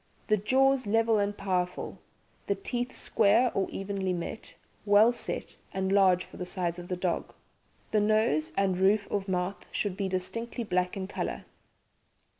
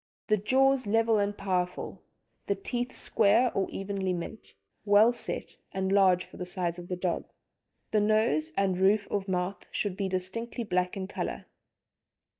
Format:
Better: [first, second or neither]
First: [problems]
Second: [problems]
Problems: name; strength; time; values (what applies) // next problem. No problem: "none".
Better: first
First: none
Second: noise reduction (neural mask model DeepFilterNet 3)